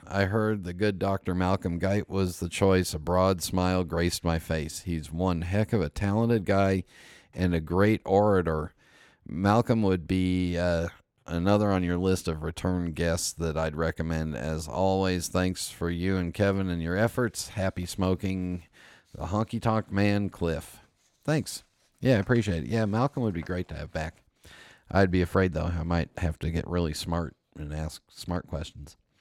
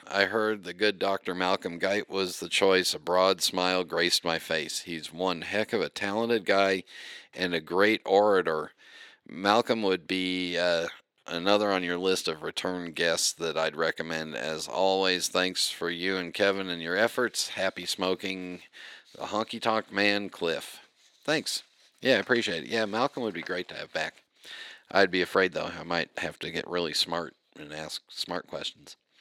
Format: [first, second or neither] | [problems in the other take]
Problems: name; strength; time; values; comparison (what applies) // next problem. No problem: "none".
first | thin; somewhat; fading below 350 Hz